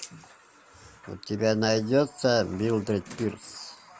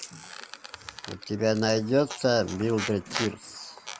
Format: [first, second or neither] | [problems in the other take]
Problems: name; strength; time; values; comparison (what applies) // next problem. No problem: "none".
first | background sound (Squeak); 12 dB below the speech